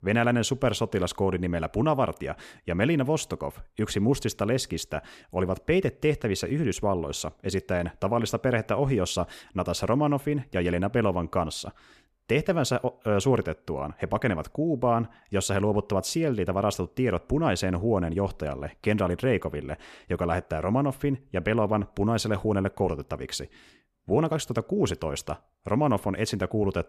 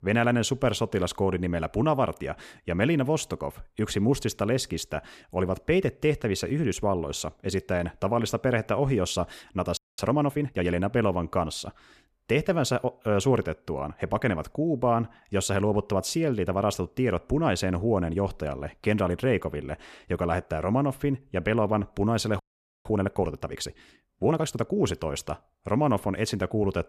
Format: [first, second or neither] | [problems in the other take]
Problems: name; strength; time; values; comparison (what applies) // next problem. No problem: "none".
first | audio freezing; at 10 s and at 22 s